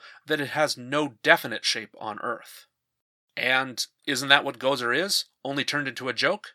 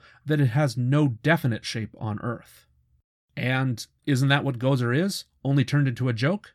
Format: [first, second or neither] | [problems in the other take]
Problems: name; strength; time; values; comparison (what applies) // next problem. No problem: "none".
second | thin; very; fading below 550 Hz